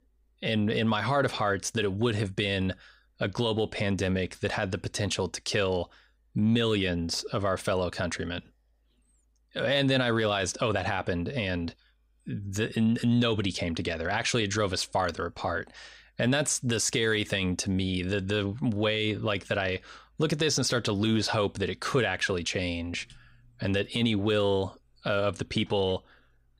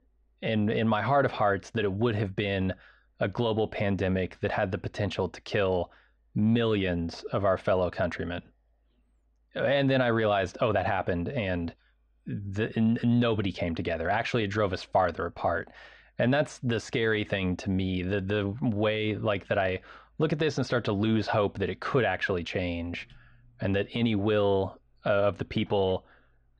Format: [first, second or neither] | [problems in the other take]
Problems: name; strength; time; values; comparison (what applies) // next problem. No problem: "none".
first | muffled; very; fading above 2.5 kHz